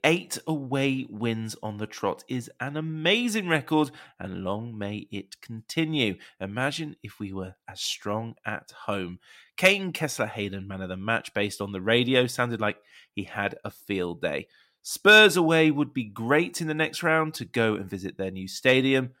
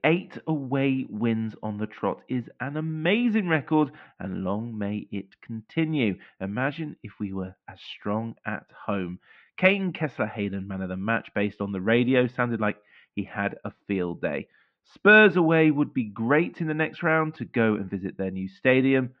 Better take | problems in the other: first | muffled; very; fading above 2.5 kHz

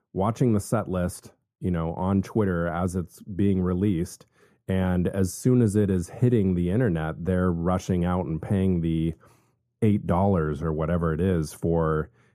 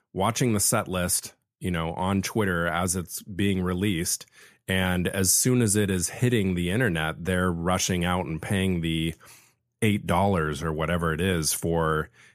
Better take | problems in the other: second | muffled; slightly; fading above 1 kHz

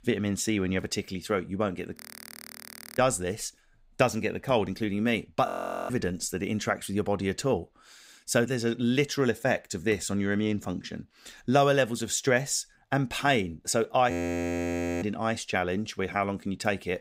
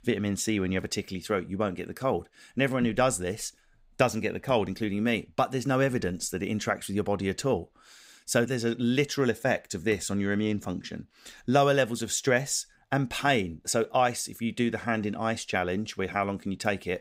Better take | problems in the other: second | audio freezing; at 2 s for 1 s, at 5.5 s and at 14 s for 1 s

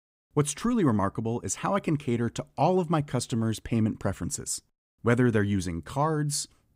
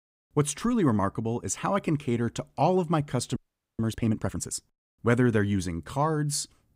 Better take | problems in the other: first | audio freezing; at 3.5 s

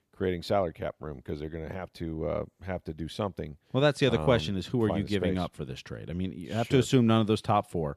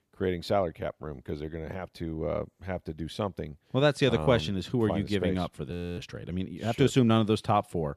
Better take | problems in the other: first | audio freezing; at 5.5 s

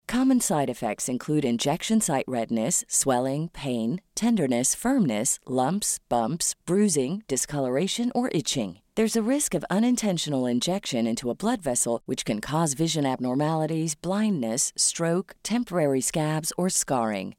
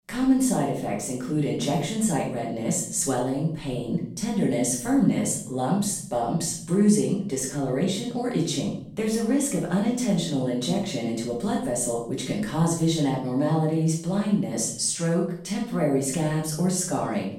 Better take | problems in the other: first | off-mic speech; far // room echo; noticeable; dies away in 0.6 s

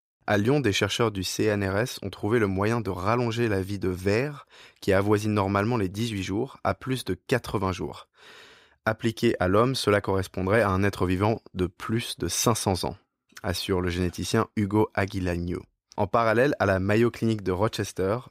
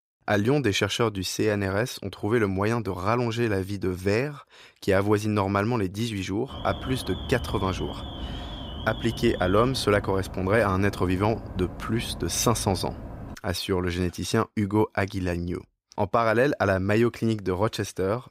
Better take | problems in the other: first | alarm; noticeable; from 6.5 to 13 s; peak 9 dB below the speech

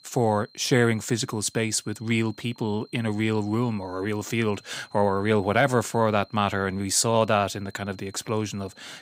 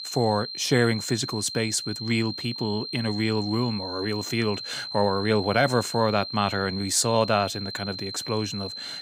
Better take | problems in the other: first | high-pitched whine; loud; throughout; 4 kHz, 7 dB below the speech; faint in the first

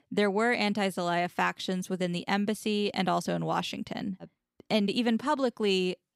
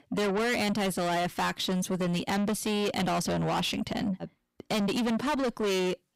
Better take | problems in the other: first | distortion; heavy; 6 dB below the speech

